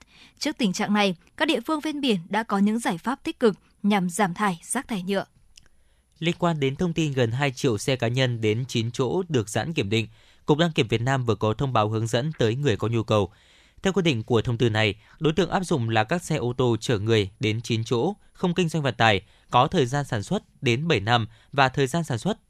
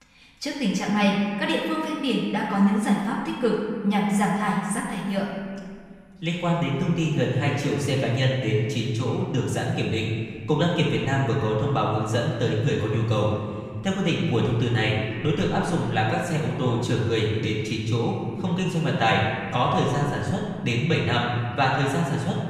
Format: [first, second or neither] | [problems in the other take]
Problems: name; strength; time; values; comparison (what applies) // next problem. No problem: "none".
first | off-mic speech; far // room echo; noticeable; dies away in 1.9 s